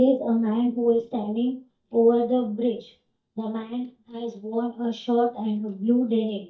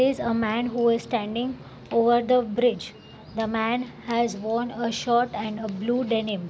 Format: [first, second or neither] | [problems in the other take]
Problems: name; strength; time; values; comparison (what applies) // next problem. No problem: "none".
second | noise reduction (neural mask model DeepFilterNet 3)